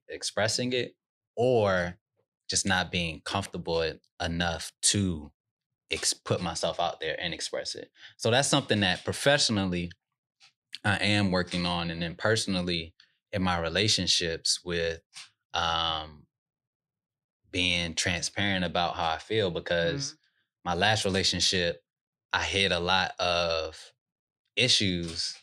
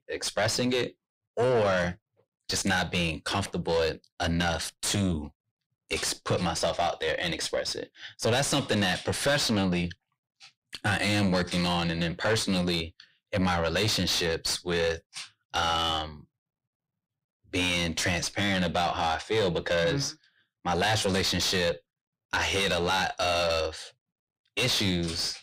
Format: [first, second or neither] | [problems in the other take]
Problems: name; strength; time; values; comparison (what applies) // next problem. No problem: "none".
first | distortion; heavy; 6 dB below the speech